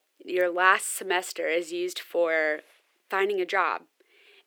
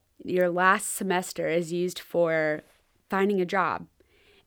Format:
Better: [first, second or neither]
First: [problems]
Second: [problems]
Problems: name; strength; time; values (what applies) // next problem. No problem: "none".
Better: second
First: thin; very; fading below 350 Hz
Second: none